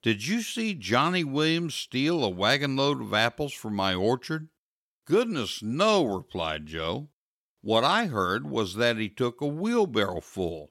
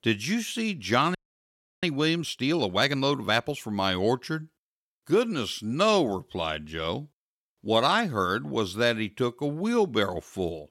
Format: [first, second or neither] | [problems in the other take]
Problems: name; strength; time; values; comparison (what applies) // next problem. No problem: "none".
first | audio freezing; at 1 s for 0.5 s